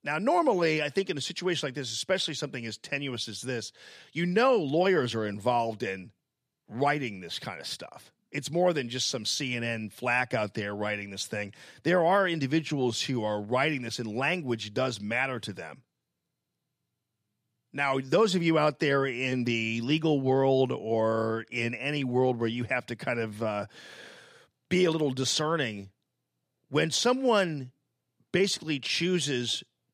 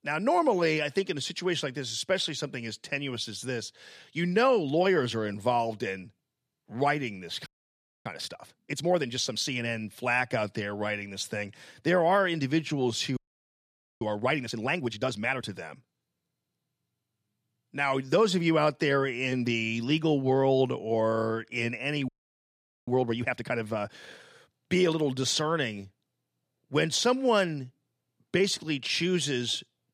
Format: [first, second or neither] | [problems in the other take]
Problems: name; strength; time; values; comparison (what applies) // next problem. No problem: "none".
first | audio freezing; at 7.5 s for 0.5 s, at 13 s for 1 s and at 22 s for 1 s